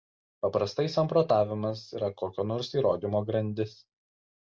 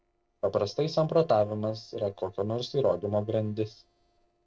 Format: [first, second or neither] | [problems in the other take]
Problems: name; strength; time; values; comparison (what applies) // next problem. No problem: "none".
first | noise reduction (neural separator model SepFormer DNS4)